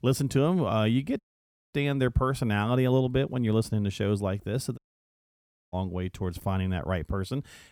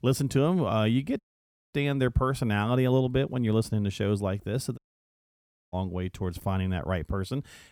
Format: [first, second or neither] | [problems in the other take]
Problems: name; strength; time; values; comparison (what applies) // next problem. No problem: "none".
neither | audio cutting out; at 1 s for 0.5 s and at 5 s for 1 s; the same in both